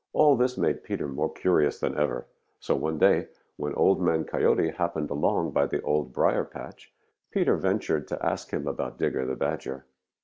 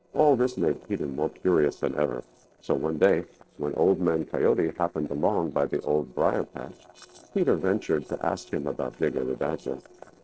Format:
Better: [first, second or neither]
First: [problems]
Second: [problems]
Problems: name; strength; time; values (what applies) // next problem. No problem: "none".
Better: first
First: none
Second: noise reduction (neural separator model SepFormer DNS4)